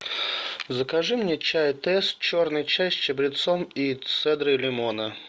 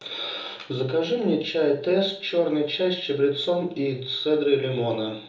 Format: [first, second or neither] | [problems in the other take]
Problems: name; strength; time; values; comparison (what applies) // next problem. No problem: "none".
first | room echo; dies away in 1 s